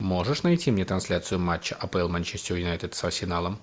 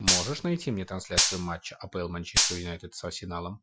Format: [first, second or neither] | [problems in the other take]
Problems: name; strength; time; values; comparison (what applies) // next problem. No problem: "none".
first | noise reduction (classical method Wiener filter)